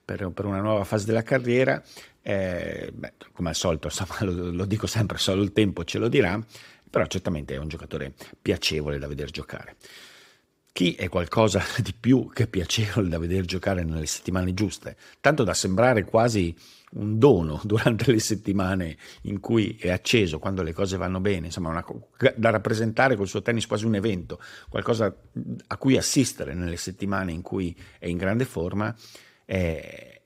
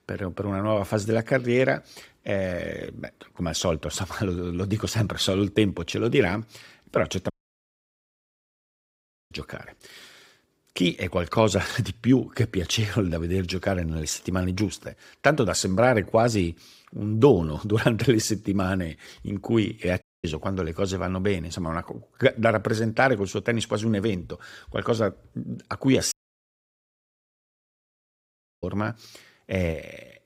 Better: first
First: none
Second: audio cutting out; at 7.5 s for 2 s, at 20 s and at 26 s for 2.5 s

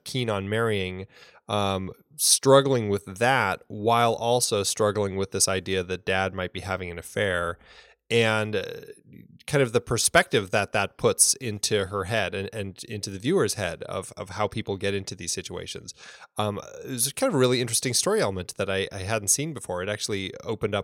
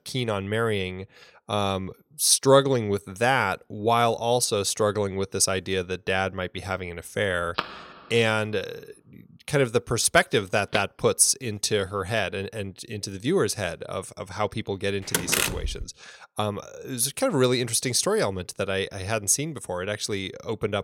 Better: first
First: none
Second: phone ringing; noticeable; from 7.5 to 11 s; peak 7 dB below the speech // door banging; loud; at 15 s; peak 2 dB above the speech

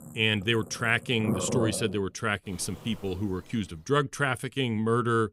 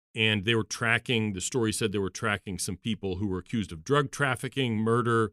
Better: second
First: animal sounds; loud; until 3.5 s; 8 dB below the speech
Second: none

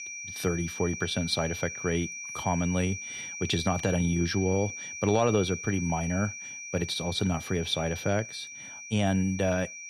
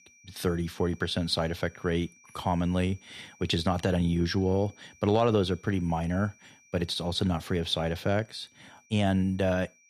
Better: second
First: high-pitched whine; loud; throughout; 2.5 kHz, 8 dB below the speech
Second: high-pitched whine; faint; throughout; 2.5 kHz, 30 dB below the speech

